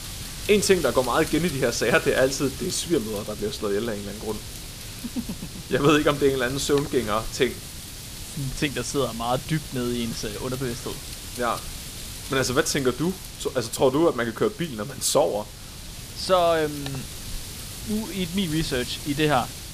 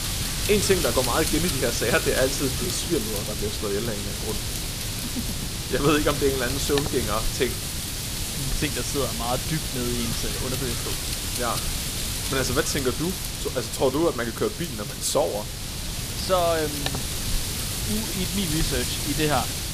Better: first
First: wind noise on the microphone; occasional gusts; 10 dB below the speech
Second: wind noise on the microphone; heavy; 2 dB below the speech

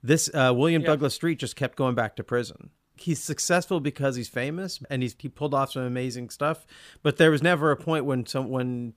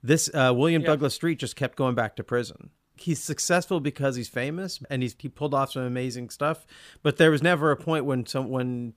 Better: neither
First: none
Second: none

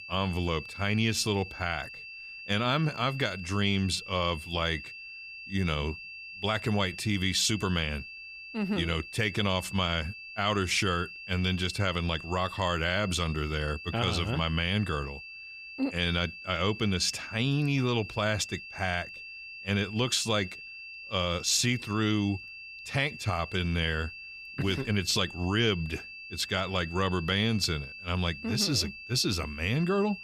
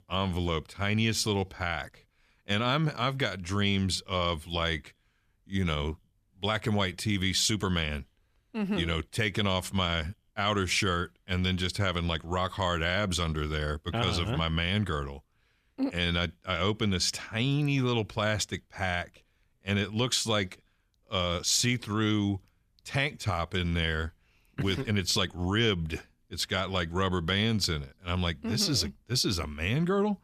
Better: second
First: high-pitched whine; noticeable; throughout; 2.5 kHz, 10 dB below the speech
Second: none

